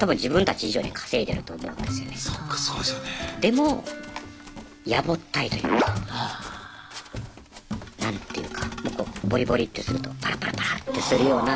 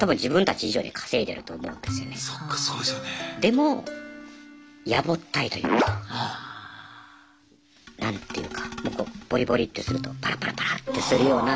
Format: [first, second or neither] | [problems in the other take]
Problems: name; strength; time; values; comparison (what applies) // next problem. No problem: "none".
second | background sound (Run); 11 dB below the speech